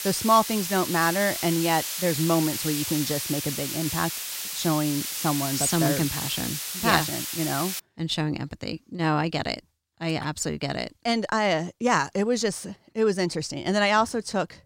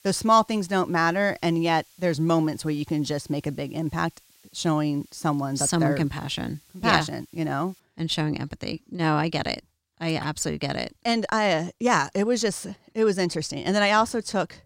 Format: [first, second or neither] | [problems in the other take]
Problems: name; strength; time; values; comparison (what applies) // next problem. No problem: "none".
second | hiss; loud; until 8 s; 3 dB below the speech; faint in the second